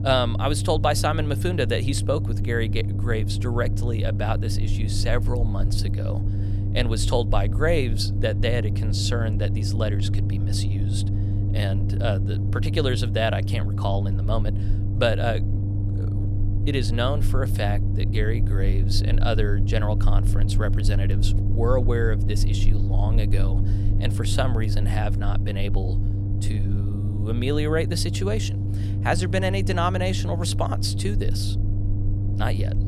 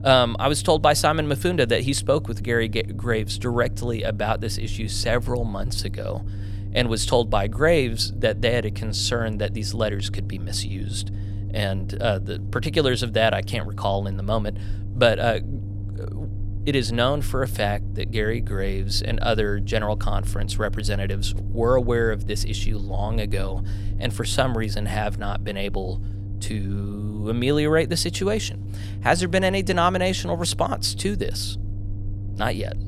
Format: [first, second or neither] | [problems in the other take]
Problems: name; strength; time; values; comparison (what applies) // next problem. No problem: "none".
second | low rumble; loud; throughout; 9 dB below the speech; faint in the second